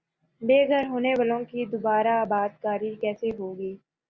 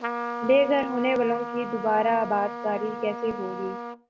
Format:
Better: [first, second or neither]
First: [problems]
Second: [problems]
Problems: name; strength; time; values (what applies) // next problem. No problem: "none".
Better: first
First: none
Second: background sound (Trumpet); 8 dB below the speech